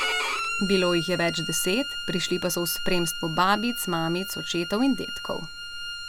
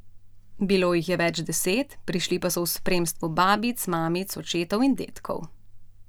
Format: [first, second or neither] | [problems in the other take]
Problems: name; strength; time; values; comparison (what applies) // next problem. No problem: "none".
second | background sound (Bowed string instrument); 6 dB below the speech